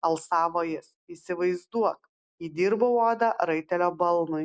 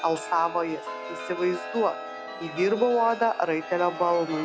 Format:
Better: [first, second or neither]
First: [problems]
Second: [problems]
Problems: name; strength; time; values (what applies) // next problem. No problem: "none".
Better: first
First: none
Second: background sound (Chime); 11 dB below the speech